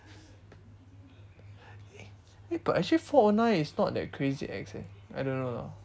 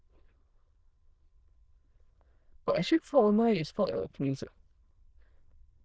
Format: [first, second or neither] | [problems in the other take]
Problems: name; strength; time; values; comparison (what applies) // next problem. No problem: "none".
first | noise reduction (neural diffusion model UNIVERSE++)